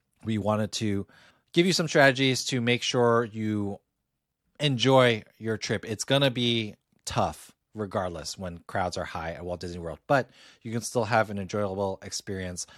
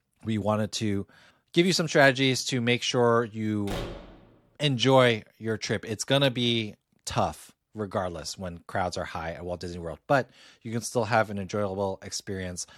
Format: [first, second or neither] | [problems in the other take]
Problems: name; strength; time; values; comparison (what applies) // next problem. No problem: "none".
first | door banging; noticeable; at 3.5 s; peak 9 dB below the speech